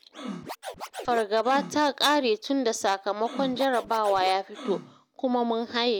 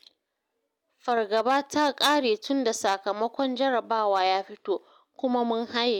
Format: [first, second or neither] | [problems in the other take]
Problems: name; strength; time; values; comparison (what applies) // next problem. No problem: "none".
second | background sound (Scratching (performance technique)); 13 dB below the speech